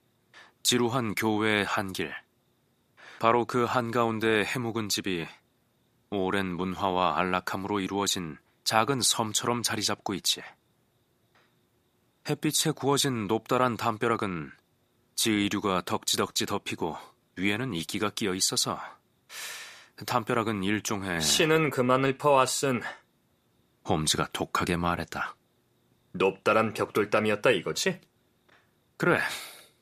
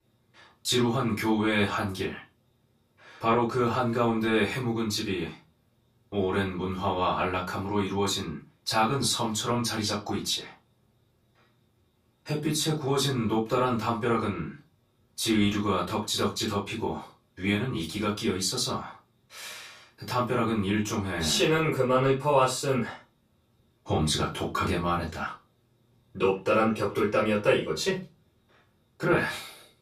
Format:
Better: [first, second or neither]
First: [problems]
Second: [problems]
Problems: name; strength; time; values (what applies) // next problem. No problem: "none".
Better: first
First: none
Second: room echo; slight; dies away in 0.3 s // off-mic speech; far